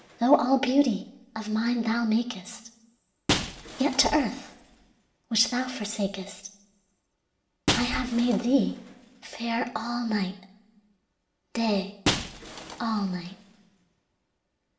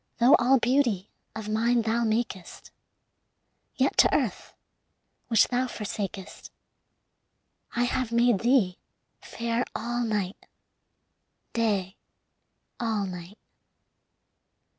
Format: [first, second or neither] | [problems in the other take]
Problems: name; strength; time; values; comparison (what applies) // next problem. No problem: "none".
second | background sound (Shatter); 9 dB below the speech // room echo; dies away in 0.7 s